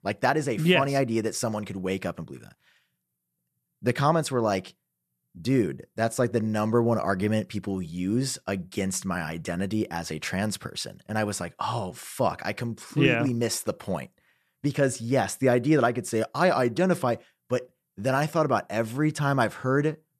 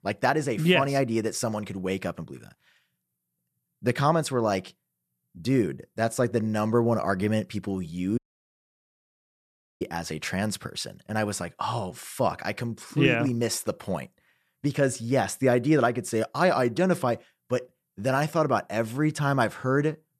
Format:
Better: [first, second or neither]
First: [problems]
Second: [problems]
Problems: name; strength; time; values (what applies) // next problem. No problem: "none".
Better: first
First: none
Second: audio cutting out; at 8 s for 1.5 s